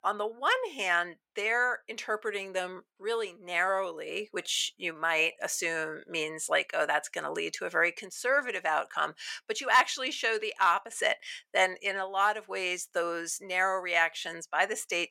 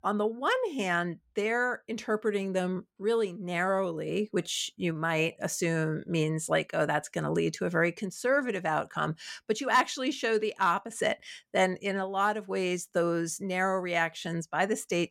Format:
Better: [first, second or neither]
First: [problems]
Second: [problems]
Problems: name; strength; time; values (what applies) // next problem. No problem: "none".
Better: second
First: thin; very; fading below 600 Hz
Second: none